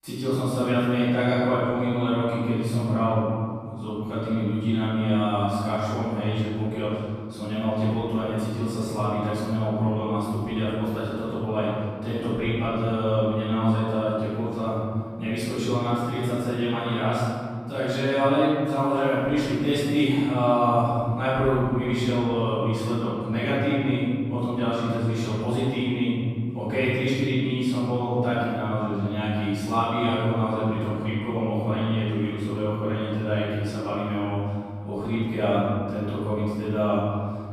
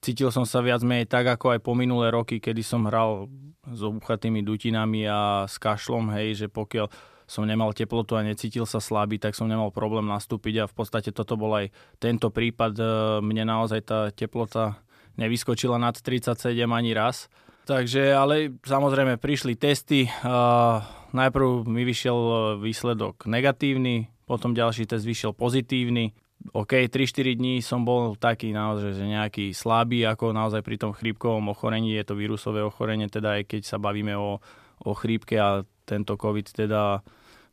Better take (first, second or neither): second